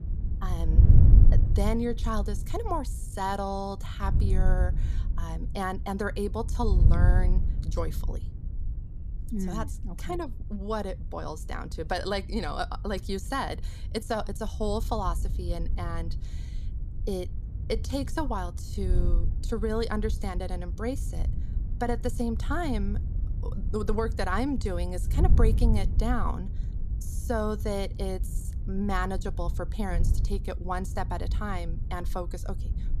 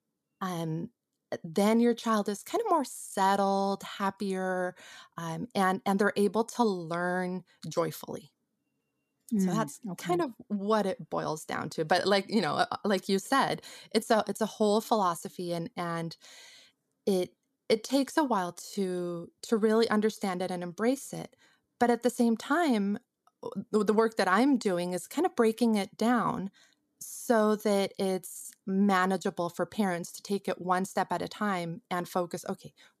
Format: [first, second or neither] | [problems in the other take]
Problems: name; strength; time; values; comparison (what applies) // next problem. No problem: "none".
second | wind noise on the microphone; occasional gusts; 15 dB below the speech